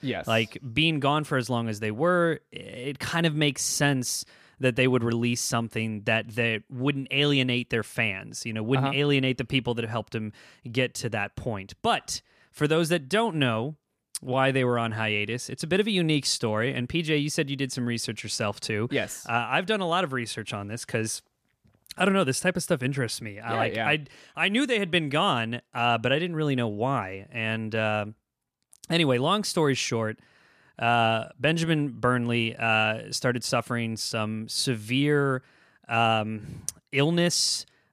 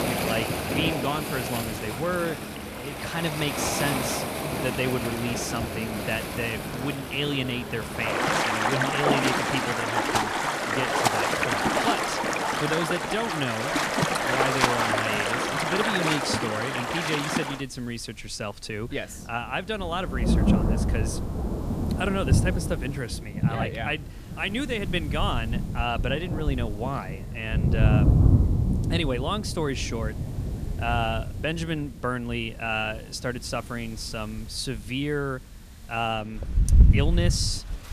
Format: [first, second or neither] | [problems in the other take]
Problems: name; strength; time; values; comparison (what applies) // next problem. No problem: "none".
first | rain or running water; very loud; throughout; 4 dB above the speech